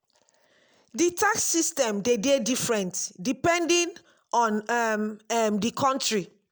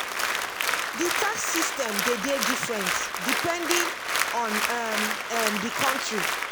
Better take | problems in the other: first | background sound (Applause); 3 dB above the speech

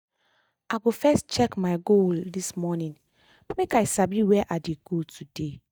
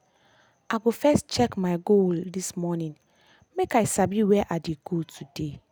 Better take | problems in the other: second | noise reduction (neural mask model DeepFilterNet 3)

